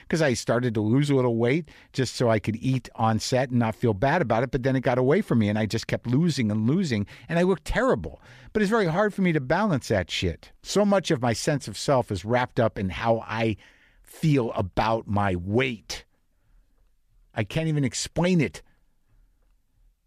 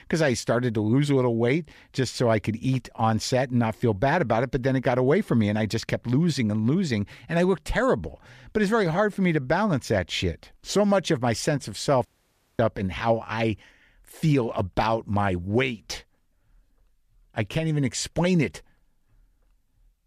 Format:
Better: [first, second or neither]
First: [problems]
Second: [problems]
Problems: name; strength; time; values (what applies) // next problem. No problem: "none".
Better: first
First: none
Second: audio cutting out; at 12 s for 0.5 s